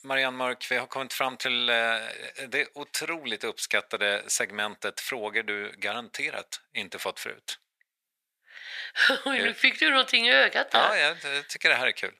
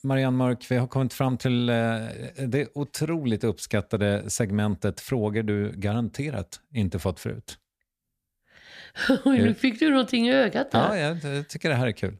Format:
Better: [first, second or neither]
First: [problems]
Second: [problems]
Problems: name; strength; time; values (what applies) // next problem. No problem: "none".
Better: second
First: thin; very; fading below 700 Hz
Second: none